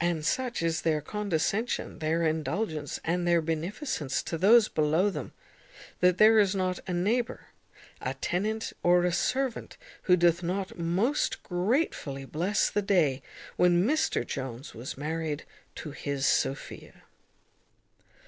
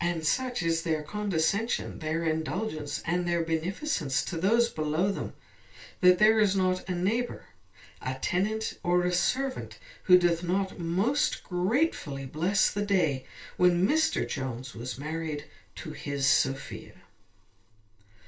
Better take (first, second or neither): first